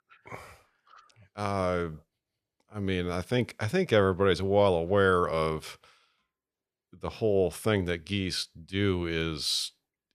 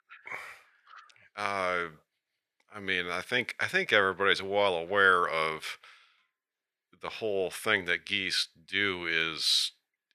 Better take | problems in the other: first | thin; somewhat; fading below 650 Hz

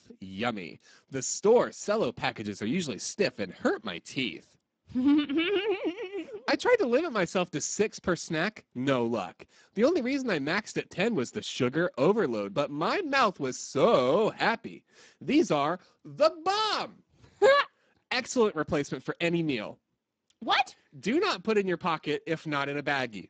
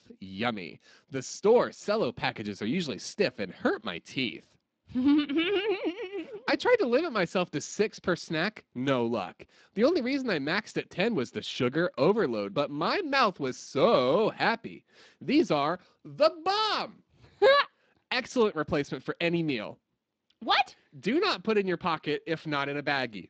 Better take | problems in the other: second | garbled, watery; badly; nothing above 7.5 kHz; slightly in the second

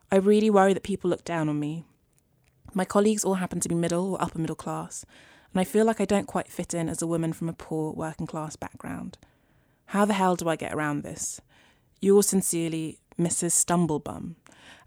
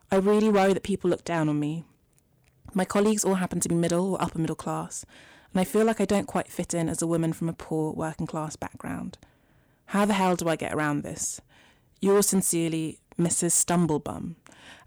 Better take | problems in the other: first | distortion; slight; 4% of the sound clipped

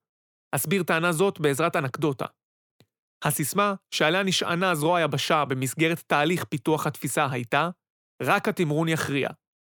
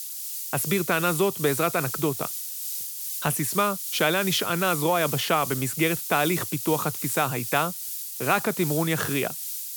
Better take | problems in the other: first | hiss; loud; throughout; 5 dB below the speech

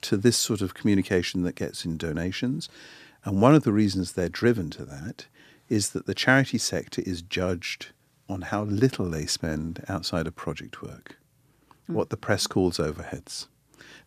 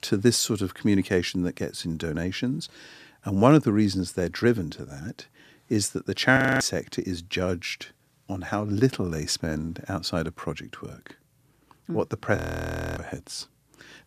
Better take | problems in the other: first | audio freezing; at 6.5 s and at 12 s for 0.5 s

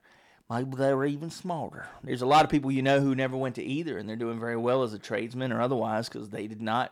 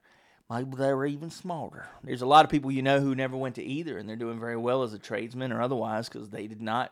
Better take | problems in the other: second | distortion; slight; 10 dB below the speech

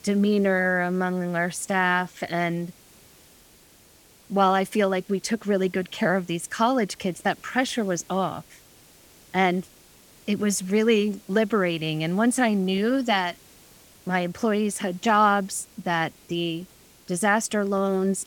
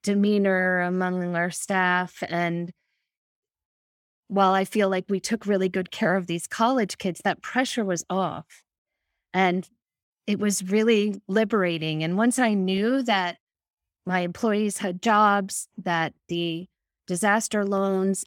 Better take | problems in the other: second | hiss; faint; throughout; 25 dB below the speech

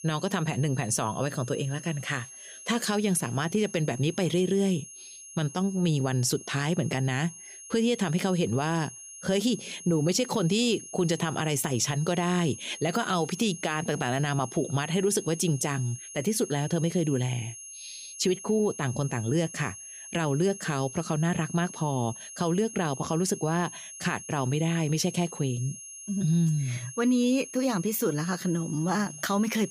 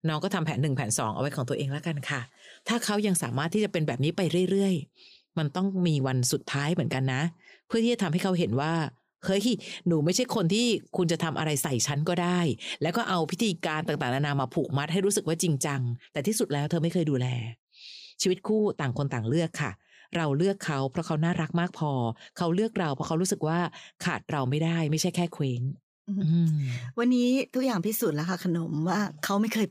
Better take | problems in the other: second | high-pitched whine; noticeable; throughout; 6.5 kHz, 15 dB below the speech

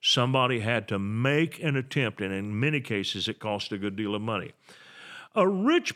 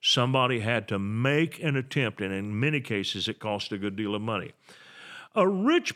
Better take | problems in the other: neither | none

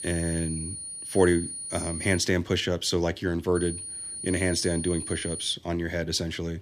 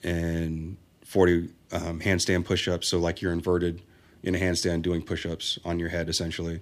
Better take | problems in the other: second | high-pitched whine; loud; until 2 s and from 3.5 to 5.5 s; 9.5 kHz, 7 dB below the speech

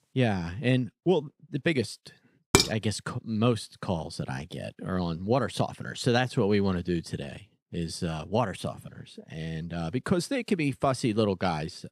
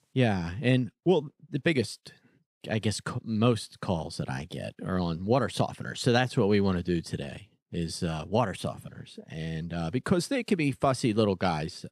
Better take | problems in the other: second | clattering dishes; loud; at 2.5 s; peak 6 dB above the speech

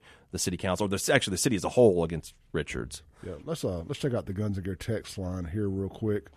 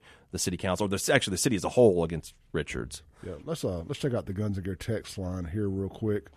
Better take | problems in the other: neither | none

